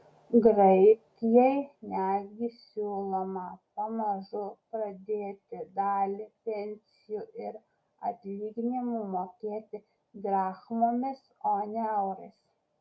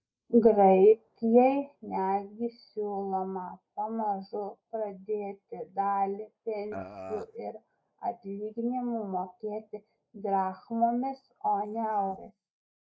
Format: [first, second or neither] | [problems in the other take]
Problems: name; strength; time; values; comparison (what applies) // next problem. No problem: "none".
first | noise reduction (neural mask model Resemble Enhance denoiser)